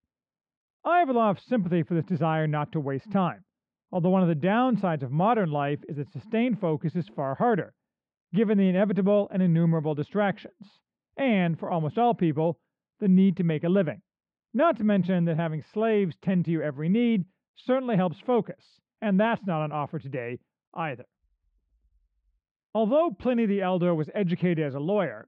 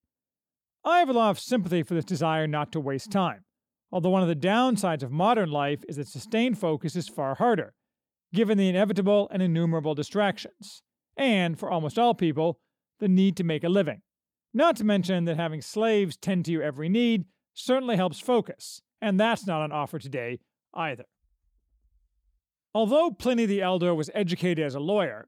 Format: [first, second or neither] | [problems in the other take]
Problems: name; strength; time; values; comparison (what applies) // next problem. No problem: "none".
second | muffled; very; fading above 2.5 kHz